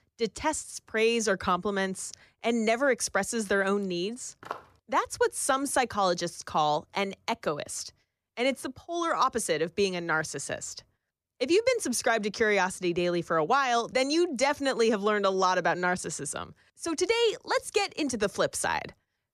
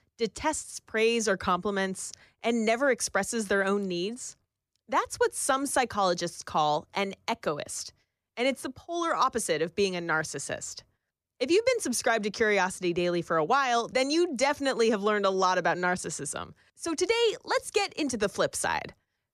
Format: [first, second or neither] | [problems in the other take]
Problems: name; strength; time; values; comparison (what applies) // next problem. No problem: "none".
second | footsteps; faint; at 4.5 s; peak 15 dB below the speech